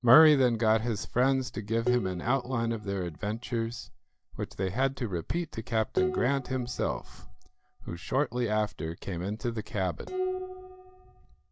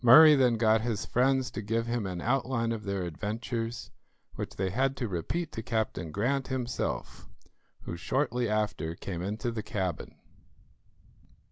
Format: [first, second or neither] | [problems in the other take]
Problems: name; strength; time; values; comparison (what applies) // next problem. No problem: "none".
second | noise reduction (neural mask model DeepFilterNet 3)